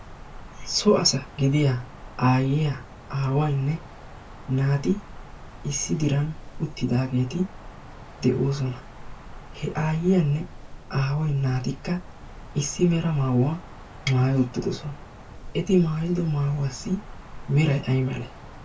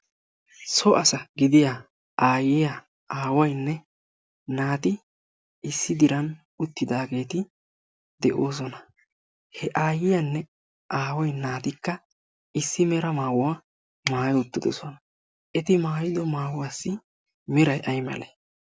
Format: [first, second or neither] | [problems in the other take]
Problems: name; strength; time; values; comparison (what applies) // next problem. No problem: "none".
second | background sound (Wind); 15 dB below the speech // room echo; dies away in 0.1 s